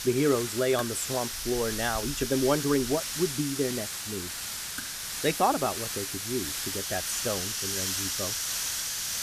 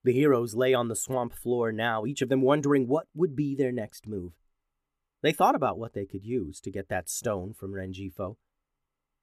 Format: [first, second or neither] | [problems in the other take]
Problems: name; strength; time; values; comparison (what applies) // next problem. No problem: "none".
second | hiss; loud; throughout; 1 dB below the speech